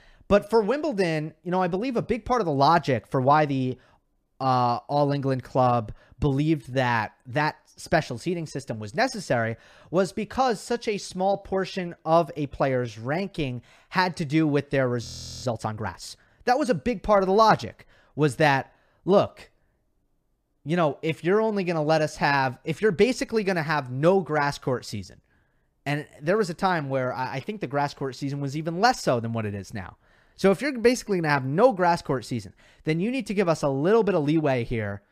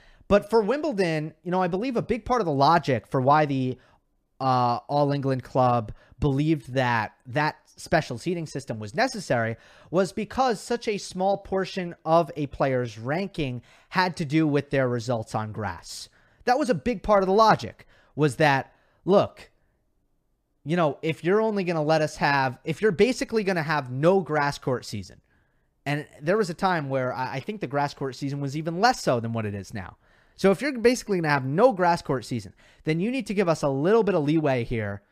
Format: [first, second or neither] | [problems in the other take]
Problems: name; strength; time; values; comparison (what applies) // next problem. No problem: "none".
second | audio freezing; at 15 s